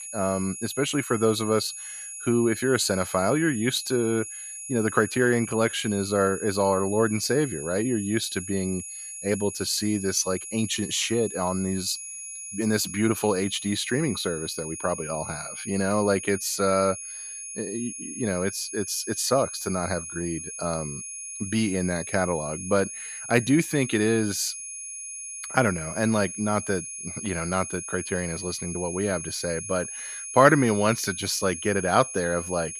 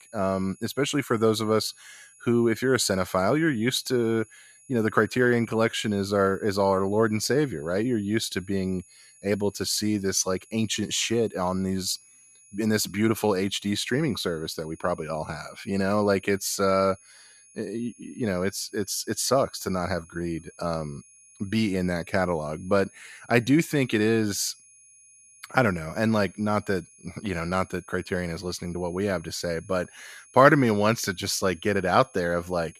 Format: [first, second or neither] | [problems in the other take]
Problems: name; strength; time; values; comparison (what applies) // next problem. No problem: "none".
second | high-pitched whine; loud; throughout; 10.5 kHz, 8 dB below the speech; faint in the second